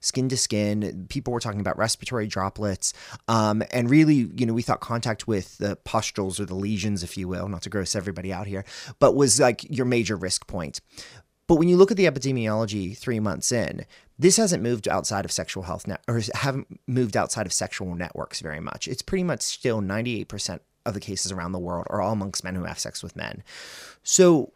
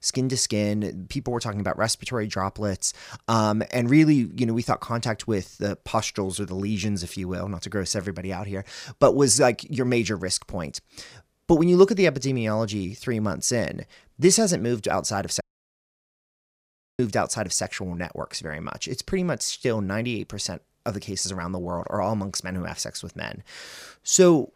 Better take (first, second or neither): first